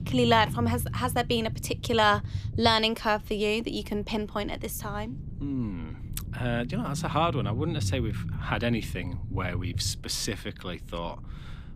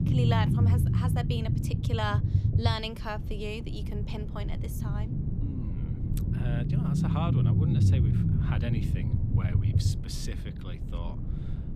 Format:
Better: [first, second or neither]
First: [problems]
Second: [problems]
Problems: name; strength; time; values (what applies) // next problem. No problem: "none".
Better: first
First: low rumble; faint; throughout; 20 dB below the speech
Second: low rumble; loud; throughout; 2 dB below the speech